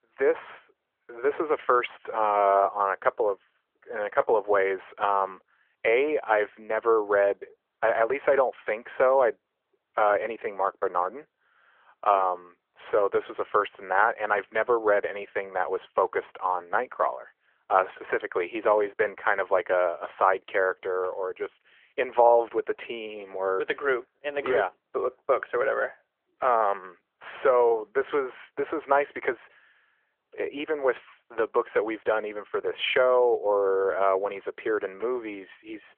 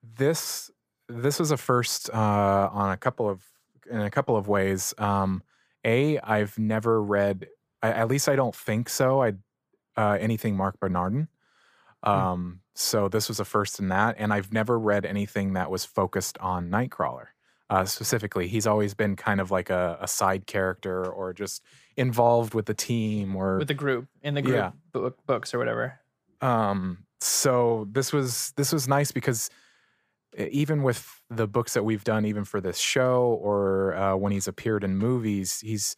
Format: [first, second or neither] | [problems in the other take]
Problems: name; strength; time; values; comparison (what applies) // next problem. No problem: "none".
second | phone-call audio; nothing above 3.5 kHz